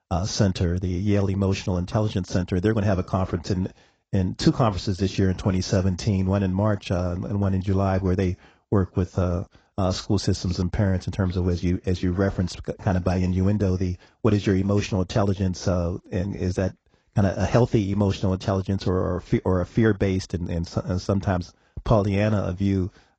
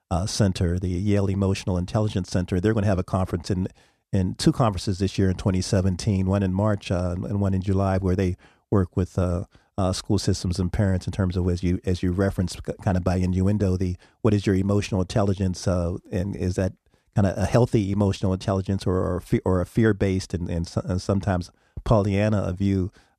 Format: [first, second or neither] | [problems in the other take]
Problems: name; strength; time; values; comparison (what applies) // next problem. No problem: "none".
second | garbled, watery; badly; nothing above 7.5 kHz